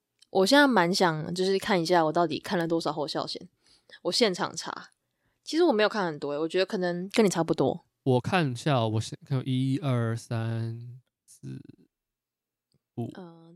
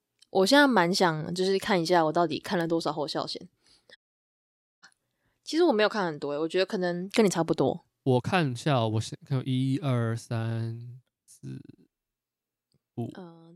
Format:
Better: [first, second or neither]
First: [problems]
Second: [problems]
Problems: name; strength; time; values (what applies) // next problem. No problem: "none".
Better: first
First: none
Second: audio cutting out; at 4 s for 1 s